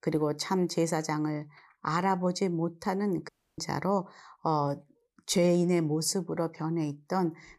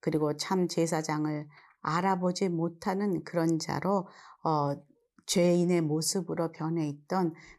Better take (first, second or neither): second